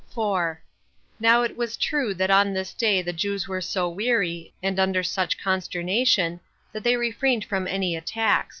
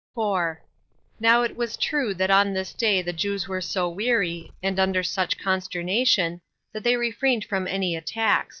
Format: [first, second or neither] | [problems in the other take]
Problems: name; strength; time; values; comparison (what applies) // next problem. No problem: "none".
first | noise reduction (neural mask model DeepFilterNet 3)